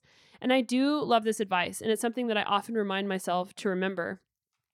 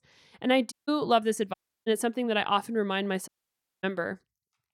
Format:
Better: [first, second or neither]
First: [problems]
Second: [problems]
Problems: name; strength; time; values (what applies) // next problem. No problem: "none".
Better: first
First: none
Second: audio cutting out; at 0.5 s, at 1.5 s and at 3.5 s for 0.5 s